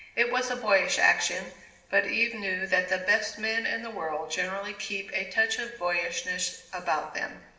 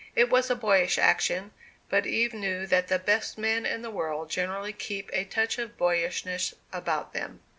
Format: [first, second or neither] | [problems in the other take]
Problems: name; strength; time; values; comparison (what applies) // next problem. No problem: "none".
second | room echo; dies away in 1.3 s